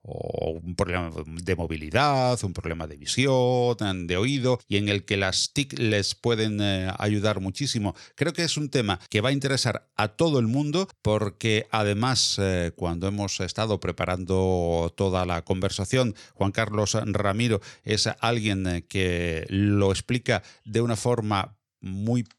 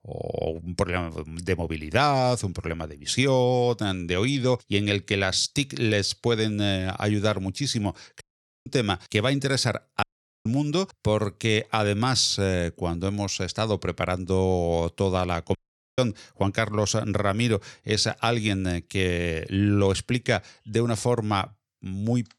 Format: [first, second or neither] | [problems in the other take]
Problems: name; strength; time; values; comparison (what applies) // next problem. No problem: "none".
first | audio cutting out; at 8 s, at 10 s and at 16 s